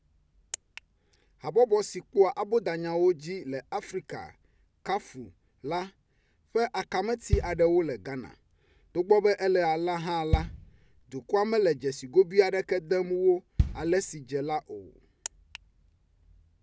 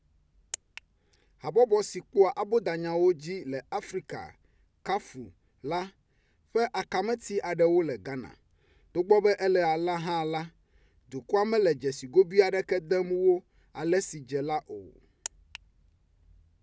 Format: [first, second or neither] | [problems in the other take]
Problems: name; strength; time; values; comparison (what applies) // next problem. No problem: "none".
second | background sound (Bass drum); 1 dB below the speech